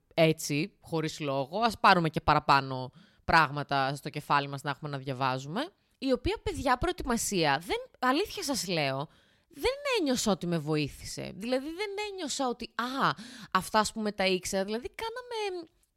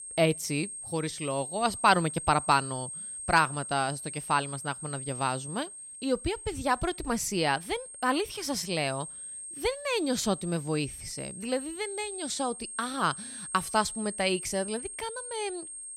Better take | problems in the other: first | high-pitched whine; loud; throughout; 8.5 kHz, 9 dB below the speech

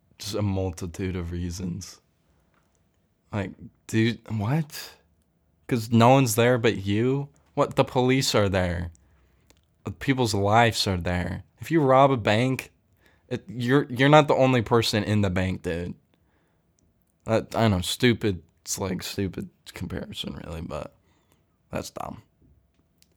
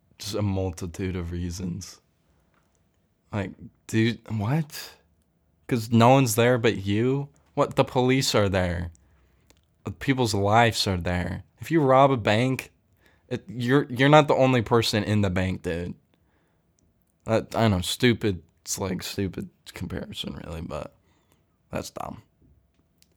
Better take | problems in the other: neither | none

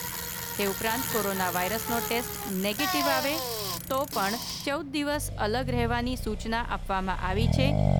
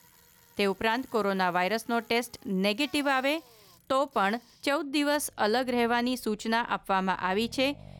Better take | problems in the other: second | traffic noise; loud; throughout; 1 dB below the speech; faint in the second

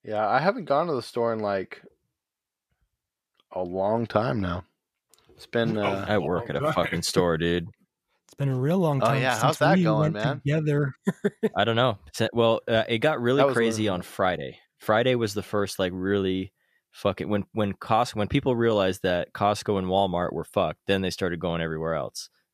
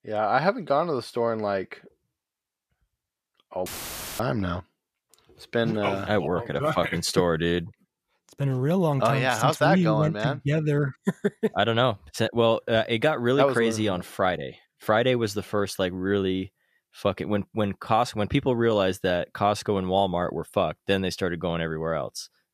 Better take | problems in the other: first | audio cutting out; filled with static; at 3.5 s for 0.5 s

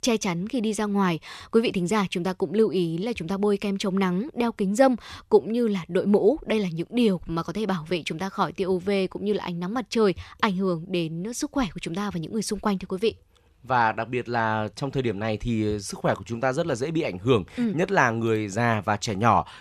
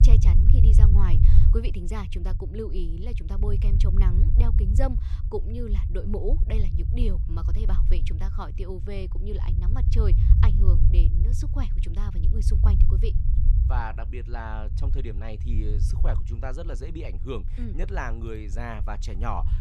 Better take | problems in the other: first | low rumble; loud; throughout; 4 dB below the speech

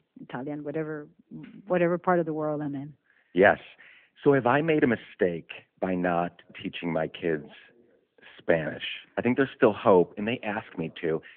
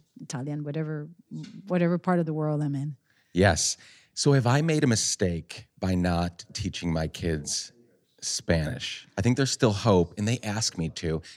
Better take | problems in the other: second | phone-call audio; nothing above 3.5 kHz

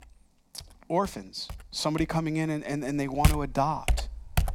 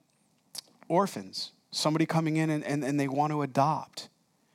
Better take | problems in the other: second | household noises; loud; throughout; 1 dB below the speech

